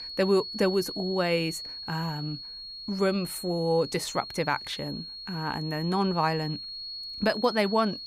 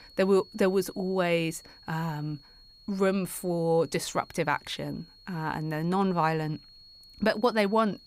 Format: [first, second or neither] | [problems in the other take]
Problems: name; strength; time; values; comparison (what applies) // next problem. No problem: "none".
second | high-pitched whine; loud; throughout; 4.5 kHz, 8 dB below the speech; faint in the second